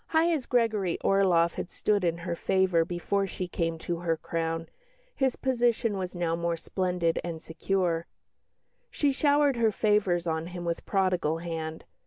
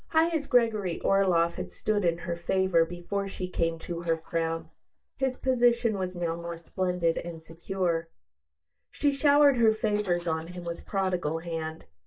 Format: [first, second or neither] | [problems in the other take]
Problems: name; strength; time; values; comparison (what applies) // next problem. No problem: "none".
first | noise reduction (neural mask model DeepFilterNet 3)